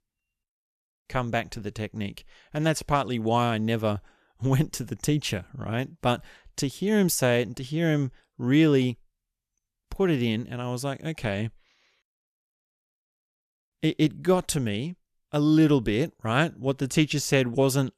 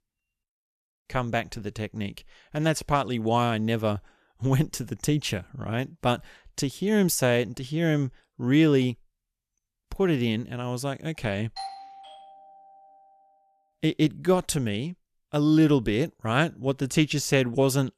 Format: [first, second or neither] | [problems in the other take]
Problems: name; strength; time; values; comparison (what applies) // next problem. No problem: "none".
first | doorbell; faint; from 12 to 13 s; peak 10 dB below the speech